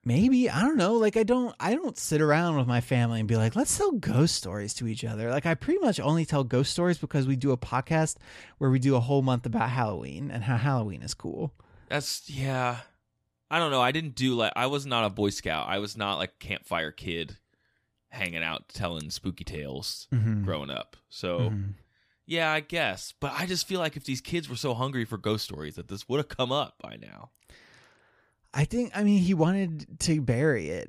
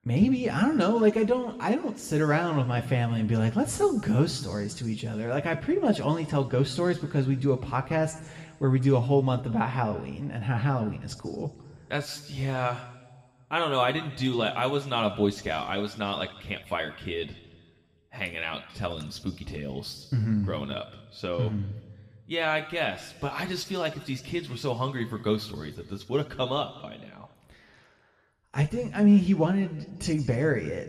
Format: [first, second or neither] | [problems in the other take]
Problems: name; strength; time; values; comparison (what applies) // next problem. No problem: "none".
first | room echo; slight; dies away in 1.3 s